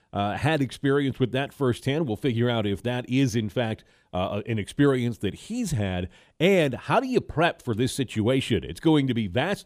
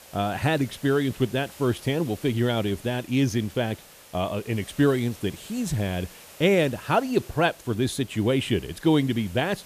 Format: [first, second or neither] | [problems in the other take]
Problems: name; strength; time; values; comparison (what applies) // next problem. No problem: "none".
first | hiss; faint; throughout; 20 dB below the speech